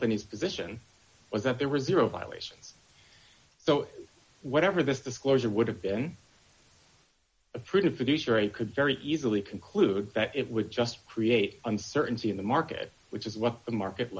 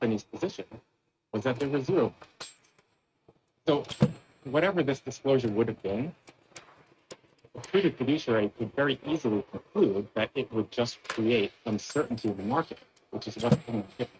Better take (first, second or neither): first